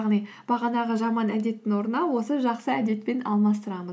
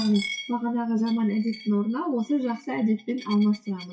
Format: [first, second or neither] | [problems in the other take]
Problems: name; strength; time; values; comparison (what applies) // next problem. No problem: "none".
first | noise reduction (classical method WPE with log-MMSE)